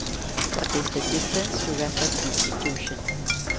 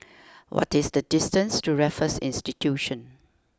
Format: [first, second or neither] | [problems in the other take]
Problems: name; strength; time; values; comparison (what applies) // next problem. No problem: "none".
second | background sound (Knock); 4 dB above the speech